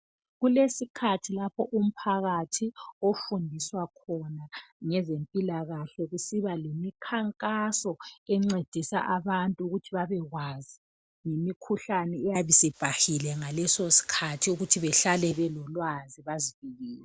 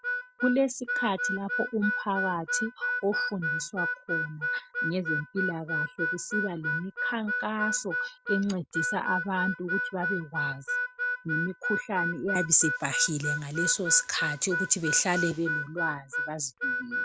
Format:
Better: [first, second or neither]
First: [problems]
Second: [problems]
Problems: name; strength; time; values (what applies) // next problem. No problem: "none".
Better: first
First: none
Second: background sound (Harmonica); 1 dB below the speech